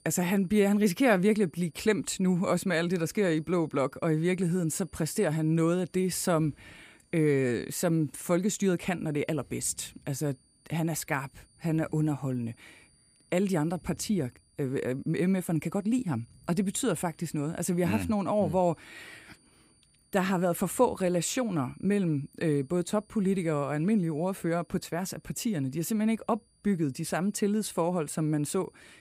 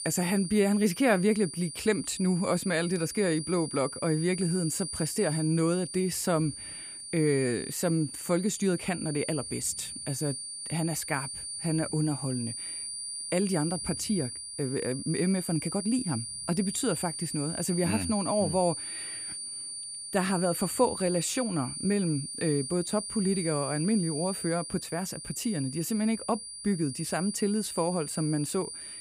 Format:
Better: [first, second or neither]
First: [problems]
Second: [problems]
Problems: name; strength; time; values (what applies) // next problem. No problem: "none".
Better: first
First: high-pitched whine; faint; throughout; 9.5 kHz, 35 dB below the speech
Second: high-pitched whine; loud; throughout; 9.5 kHz, 6 dB below the speech